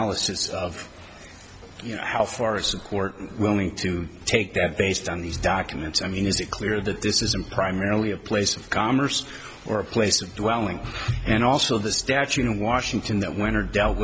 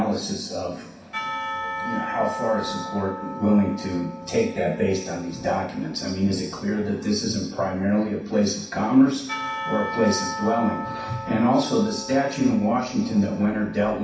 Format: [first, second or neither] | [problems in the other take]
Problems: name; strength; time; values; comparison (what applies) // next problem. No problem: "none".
first | background sound (Church bell / Percussion); 11 dB below the speech // room echo; dies away in 0.6 s